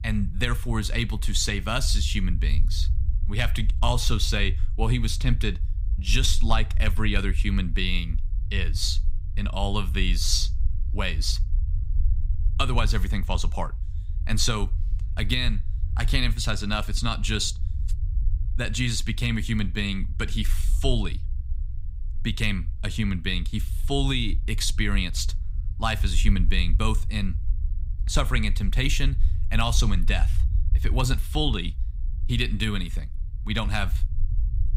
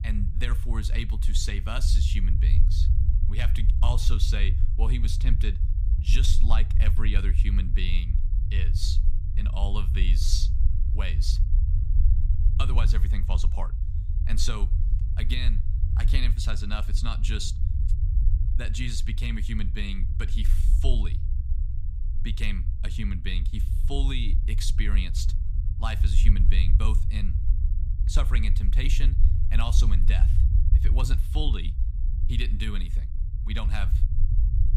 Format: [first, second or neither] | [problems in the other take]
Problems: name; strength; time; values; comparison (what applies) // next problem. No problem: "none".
first | low rumble; loud; throughout; 9 dB below the speech; faint in the first